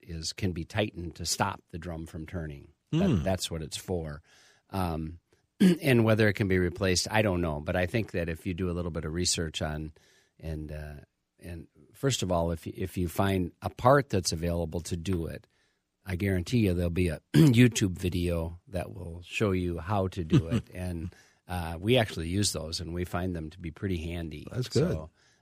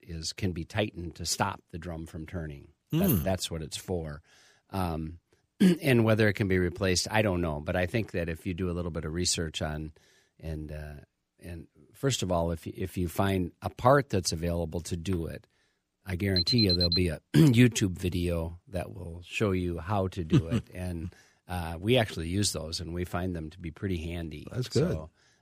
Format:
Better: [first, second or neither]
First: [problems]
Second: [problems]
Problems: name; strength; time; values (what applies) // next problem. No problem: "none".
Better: first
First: none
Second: jangling keys; noticeable; at 3 s; peak 5 dB below the speech // alarm; loud; at 16 s; peak 4 dB above the speech